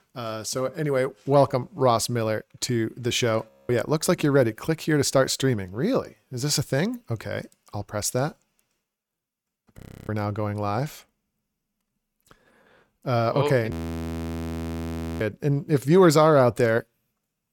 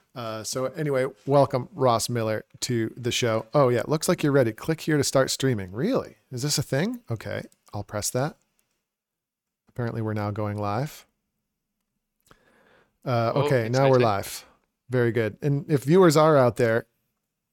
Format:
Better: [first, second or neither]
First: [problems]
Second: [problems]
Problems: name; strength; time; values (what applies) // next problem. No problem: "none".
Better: second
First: audio freezing; at 3.5 s, at 10 s and at 14 s for 1.5 s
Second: none